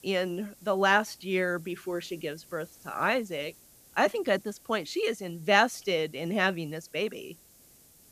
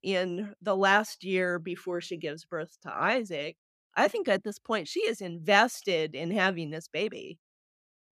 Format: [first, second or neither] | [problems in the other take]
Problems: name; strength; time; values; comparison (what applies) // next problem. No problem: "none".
second | hiss; faint; throughout; 25 dB below the speech